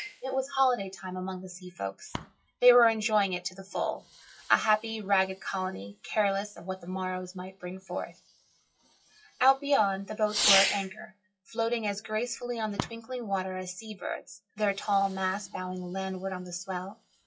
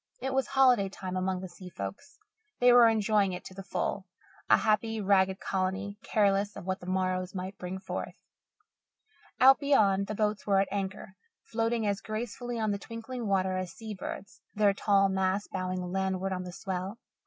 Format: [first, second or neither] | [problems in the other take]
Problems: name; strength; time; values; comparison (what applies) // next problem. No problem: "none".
second | noise reduction (classical method WPE with log-MMSE)